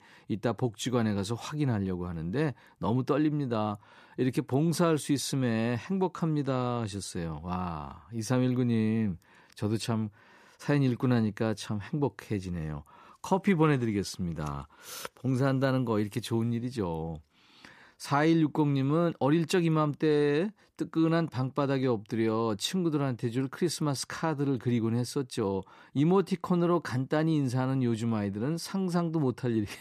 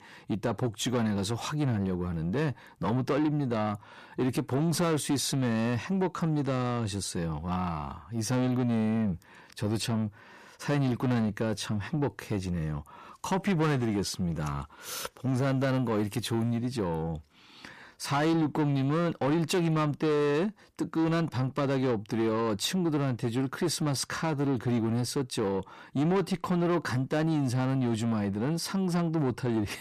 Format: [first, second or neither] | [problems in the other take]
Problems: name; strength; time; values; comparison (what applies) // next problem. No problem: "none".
first | distortion; slight; 10 dB below the speech